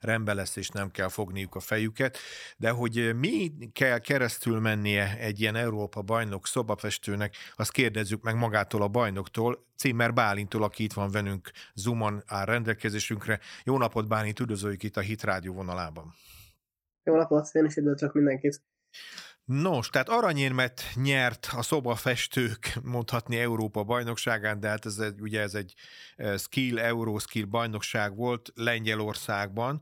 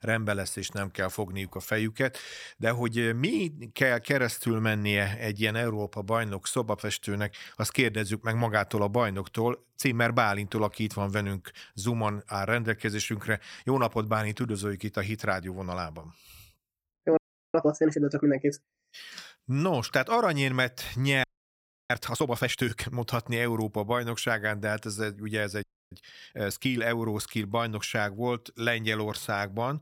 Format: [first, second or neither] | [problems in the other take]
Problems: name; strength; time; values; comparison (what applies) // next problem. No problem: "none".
first | audio freezing; at 17 s, at 21 s for 0.5 s and at 26 s